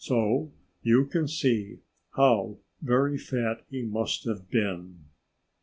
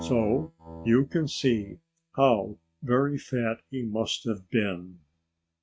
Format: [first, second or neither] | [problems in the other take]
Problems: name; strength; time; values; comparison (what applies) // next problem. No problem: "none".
first | noise reduction (neural mask model RNNoise)